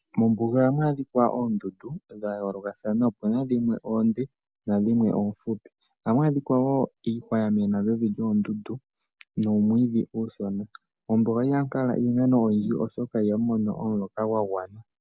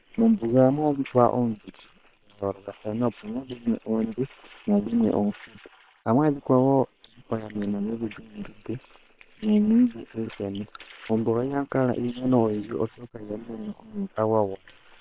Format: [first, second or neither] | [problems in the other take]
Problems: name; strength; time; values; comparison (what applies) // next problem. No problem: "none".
first | noise reduction (neural separator model SepFormer WHAM!)